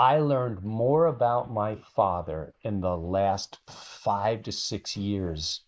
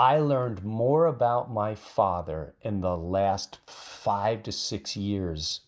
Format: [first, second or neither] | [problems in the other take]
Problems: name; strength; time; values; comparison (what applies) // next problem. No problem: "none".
second | noise reduction (neural mask model Resemble Enhance denoiser)